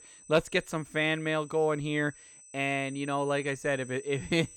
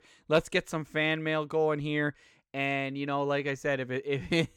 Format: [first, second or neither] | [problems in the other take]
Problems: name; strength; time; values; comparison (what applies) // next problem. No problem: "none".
second | high-pitched whine; noticeable; throughout; 8 kHz, 20 dB below the speech